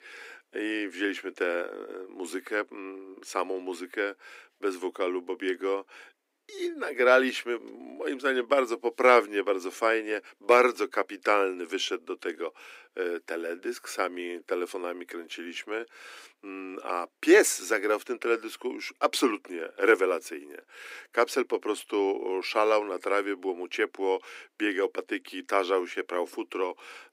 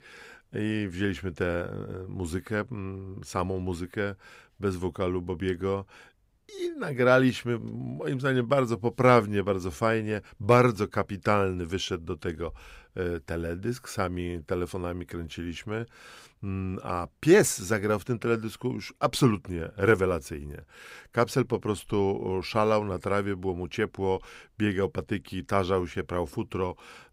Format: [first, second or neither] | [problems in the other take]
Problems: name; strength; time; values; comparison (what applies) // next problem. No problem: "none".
second | thin; somewhat; fading below 300 Hz